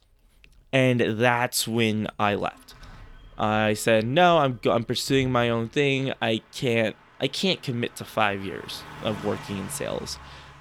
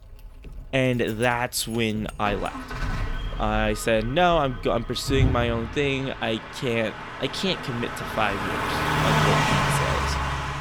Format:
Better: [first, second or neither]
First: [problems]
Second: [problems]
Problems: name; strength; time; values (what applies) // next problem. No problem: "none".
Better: first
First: traffic noise; faint; throughout; 20 dB below the speech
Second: traffic noise; loud; throughout; 2 dB below the speech